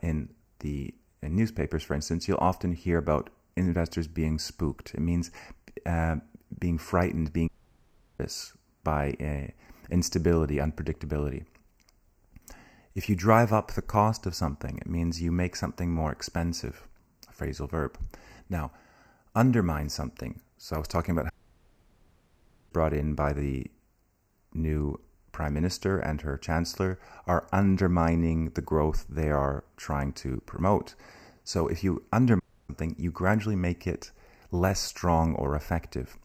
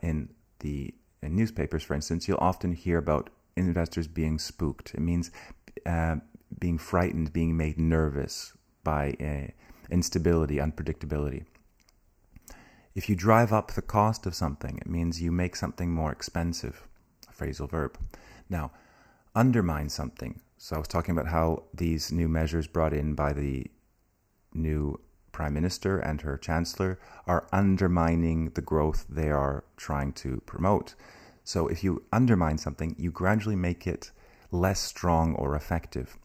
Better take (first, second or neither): second